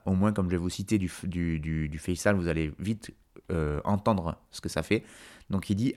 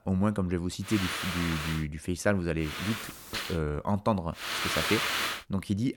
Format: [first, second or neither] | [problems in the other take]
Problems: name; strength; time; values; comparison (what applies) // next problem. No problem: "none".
first | hiss; loud; at 1 s, at 2.5 s and at 4.5 s; 1 dB below the speech